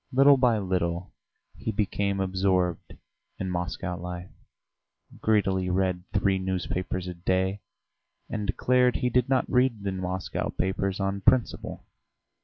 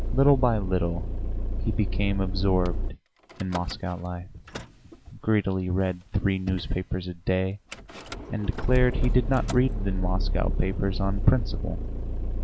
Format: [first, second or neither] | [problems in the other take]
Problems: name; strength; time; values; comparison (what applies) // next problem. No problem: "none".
first | background sound (Idling / Engine starting / Door / Car); 2 dB below the speech